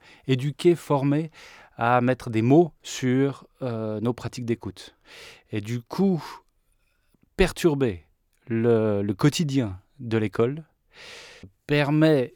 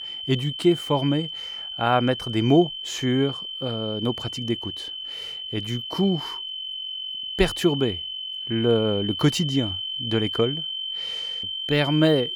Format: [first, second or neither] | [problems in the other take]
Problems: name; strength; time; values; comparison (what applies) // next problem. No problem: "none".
first | high-pitched whine; loud; throughout; 3 kHz, 5 dB below the speech